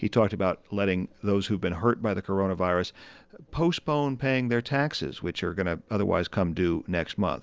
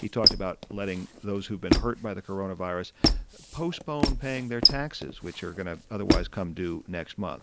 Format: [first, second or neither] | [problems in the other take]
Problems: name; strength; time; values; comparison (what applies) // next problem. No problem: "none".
first | background sound (Squeak); 3 dB above the speech